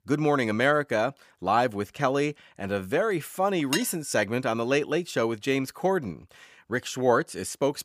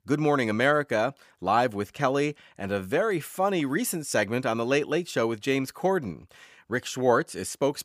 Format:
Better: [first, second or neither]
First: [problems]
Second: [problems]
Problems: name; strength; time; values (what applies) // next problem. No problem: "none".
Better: second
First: clattering dishes; noticeable; at 3.5 s; peak 5 dB below the speech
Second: none